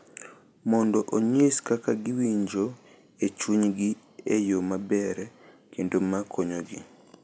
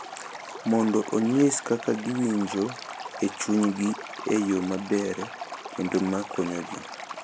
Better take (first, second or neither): first